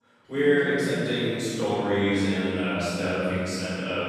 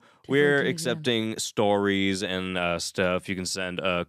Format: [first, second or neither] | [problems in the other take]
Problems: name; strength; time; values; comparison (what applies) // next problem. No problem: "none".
second | off-mic speech; far // room echo; strong; dies away in 2.7 s